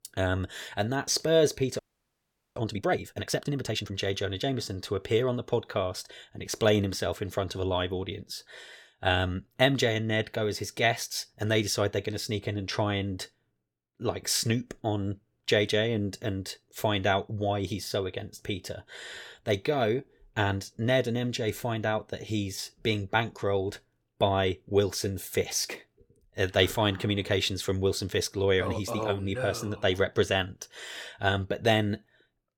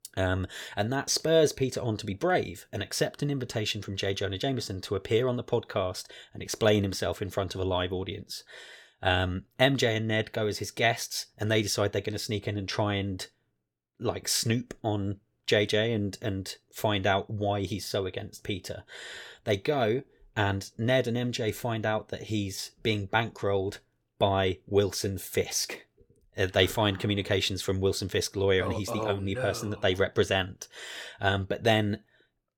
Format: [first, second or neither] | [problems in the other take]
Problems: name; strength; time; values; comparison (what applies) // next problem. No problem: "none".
second | audio freezing; at 2 s for 1 s